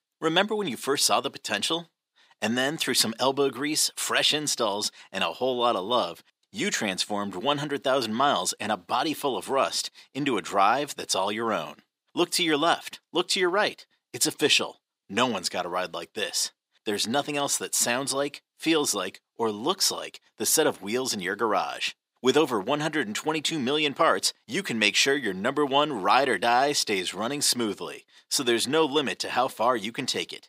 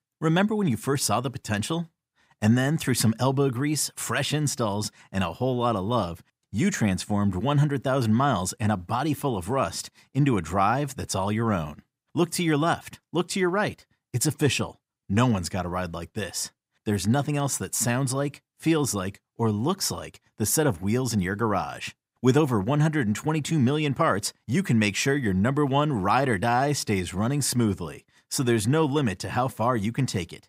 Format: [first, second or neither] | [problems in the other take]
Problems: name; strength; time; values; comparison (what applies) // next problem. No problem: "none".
second | thin; somewhat; fading below 400 Hz